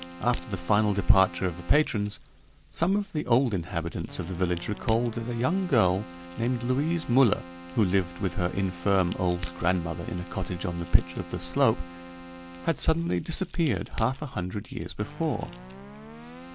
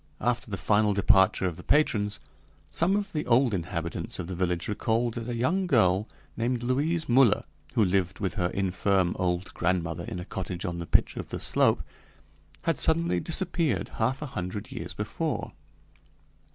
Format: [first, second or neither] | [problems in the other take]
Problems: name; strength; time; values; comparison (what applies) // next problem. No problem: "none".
second | background sound (Crack + Keyboard (musical)); 15 dB below the speech